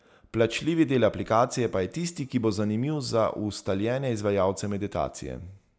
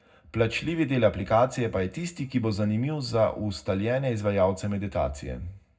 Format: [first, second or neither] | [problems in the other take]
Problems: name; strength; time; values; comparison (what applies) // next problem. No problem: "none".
first | room echo; dies away in 0.3 s